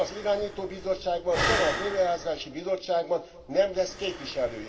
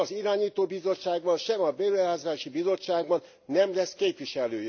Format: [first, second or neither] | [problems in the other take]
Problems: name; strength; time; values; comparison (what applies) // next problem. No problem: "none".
second | background sound (Breathing); 7 dB below the speech // room echo; dies away in 2 s